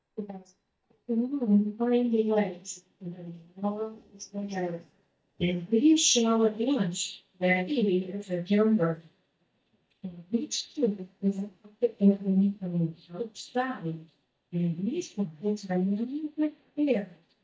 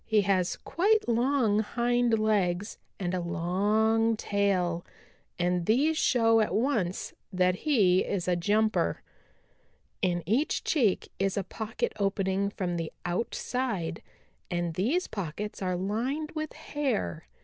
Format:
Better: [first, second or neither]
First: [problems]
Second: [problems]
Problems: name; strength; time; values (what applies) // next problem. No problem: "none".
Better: second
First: noise reduction (neural mask model DeepFilterNet 3)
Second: none